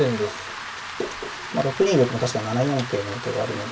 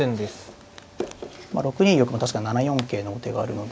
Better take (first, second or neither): second